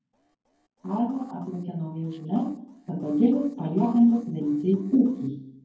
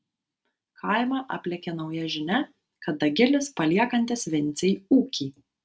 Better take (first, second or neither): second